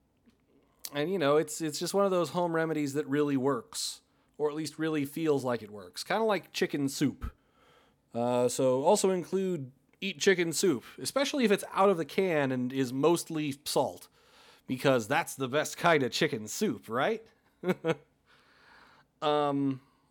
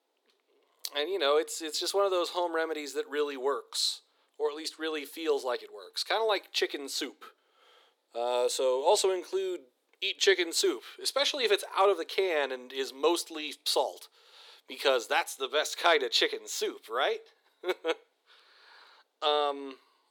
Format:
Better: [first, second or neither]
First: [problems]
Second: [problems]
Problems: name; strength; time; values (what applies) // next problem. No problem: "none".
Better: first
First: none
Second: thin; very; fading below 350 Hz